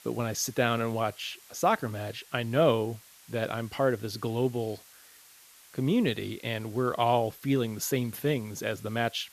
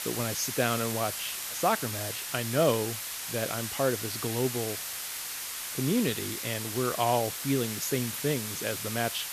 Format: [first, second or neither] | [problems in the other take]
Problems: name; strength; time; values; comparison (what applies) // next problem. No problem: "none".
first | hiss; loud; throughout; 3 dB below the speech; faint in the first